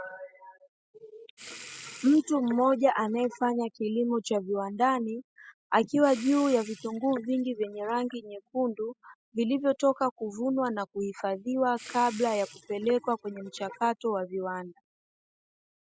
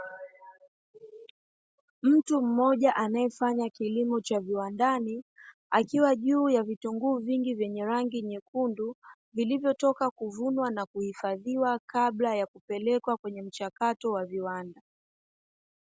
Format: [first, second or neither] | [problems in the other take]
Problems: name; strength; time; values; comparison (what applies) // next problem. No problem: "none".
second | noise reduction (classical method spectral subtraction)